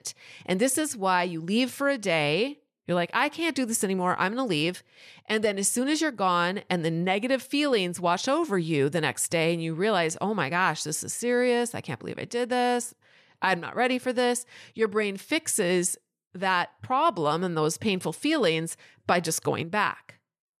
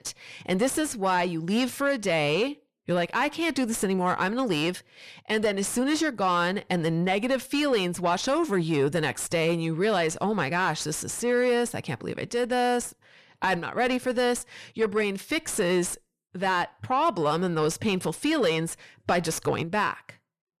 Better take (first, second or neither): first